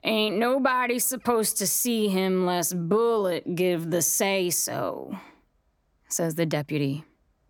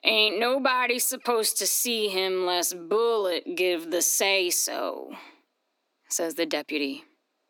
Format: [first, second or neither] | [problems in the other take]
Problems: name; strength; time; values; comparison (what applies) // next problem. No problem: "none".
first | thin; somewhat; fading below 250 Hz